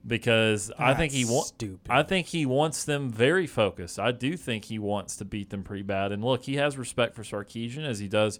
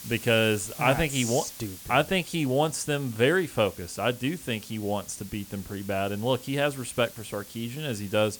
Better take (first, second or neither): first